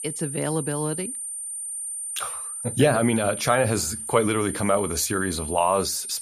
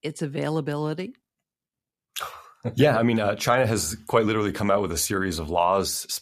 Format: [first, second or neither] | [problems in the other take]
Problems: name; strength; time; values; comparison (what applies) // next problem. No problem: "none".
second | high-pitched whine; loud; throughout; 9 kHz, 6 dB below the speech